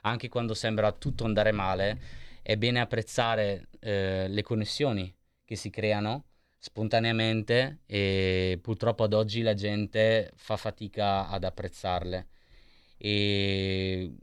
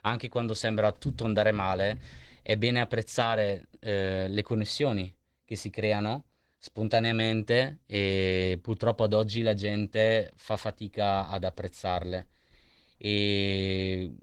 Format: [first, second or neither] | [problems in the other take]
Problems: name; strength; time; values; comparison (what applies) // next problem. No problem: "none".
first | garbled, watery; slightly